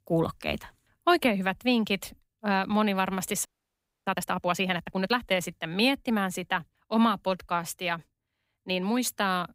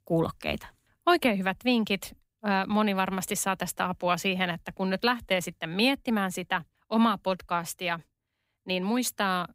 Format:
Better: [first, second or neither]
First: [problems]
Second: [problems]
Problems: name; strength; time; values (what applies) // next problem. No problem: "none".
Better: second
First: audio freezing; at 3.5 s for 0.5 s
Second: none